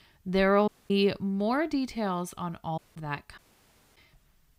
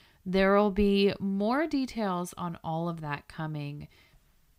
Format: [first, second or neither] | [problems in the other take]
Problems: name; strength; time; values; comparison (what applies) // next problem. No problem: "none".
second | audio cutting out; at 0.5 s, at 3 s and at 3.5 s for 0.5 s